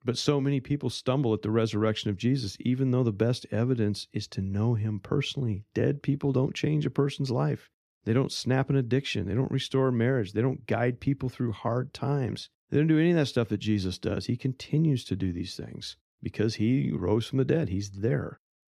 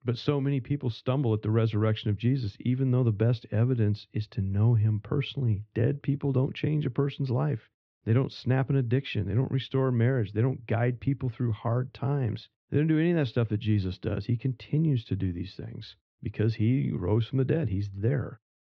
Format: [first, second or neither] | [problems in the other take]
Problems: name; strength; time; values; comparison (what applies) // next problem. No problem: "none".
first | muffled; slightly; fading above 3.5 kHz